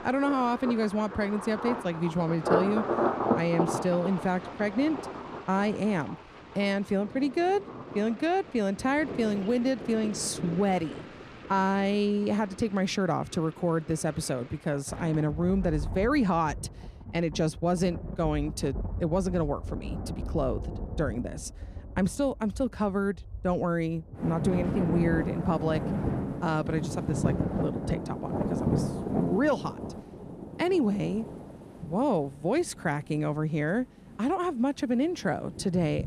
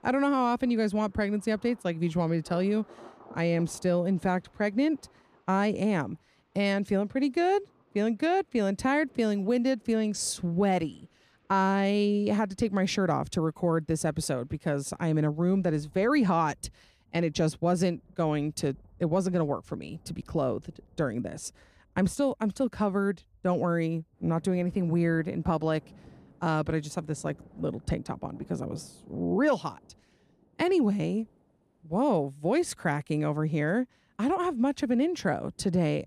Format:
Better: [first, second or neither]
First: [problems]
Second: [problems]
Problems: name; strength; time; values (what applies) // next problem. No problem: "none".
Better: second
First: rain or running water; loud; throughout; 6 dB below the speech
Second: rain or running water; faint; throughout; 30 dB below the speech